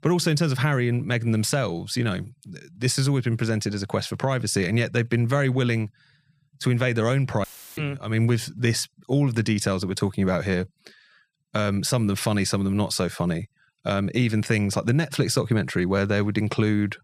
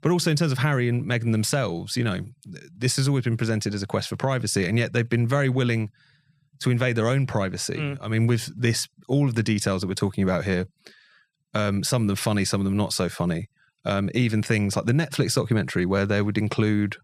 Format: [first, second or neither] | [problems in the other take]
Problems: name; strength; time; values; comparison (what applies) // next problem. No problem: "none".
second | audio cutting out; filled with static; at 7.5 s